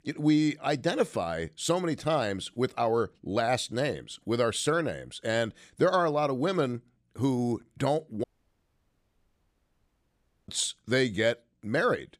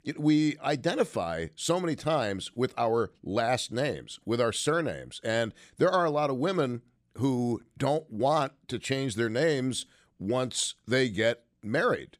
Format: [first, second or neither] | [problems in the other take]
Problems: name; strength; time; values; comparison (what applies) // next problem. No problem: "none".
second | audio cutting out; at 8 s for 2 s